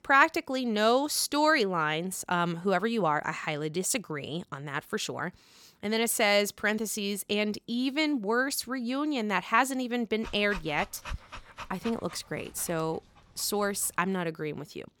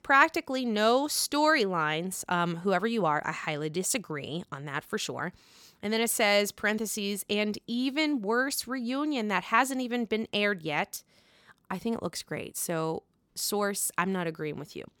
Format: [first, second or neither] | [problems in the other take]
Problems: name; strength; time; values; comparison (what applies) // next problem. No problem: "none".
second | dog barking; faint; from 10 to 13 s; peak 10 dB below the speech